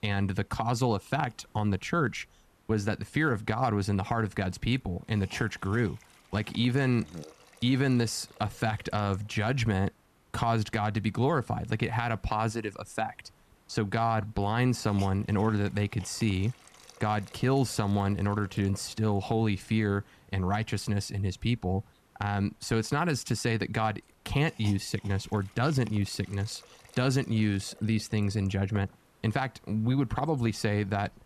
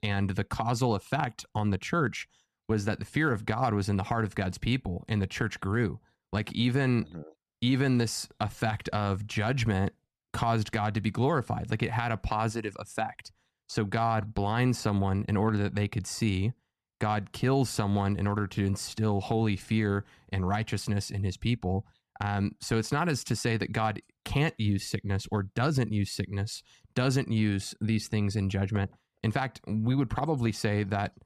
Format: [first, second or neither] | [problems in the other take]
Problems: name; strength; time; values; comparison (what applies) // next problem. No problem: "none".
second | hiss; faint; throughout; 25 dB below the speech